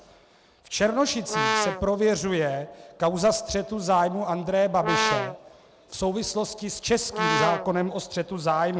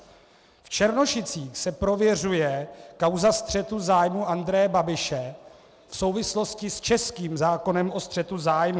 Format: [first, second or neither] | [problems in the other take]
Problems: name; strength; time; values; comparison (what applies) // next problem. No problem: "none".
second | background sound (Brass instrument); 1 dB below the speech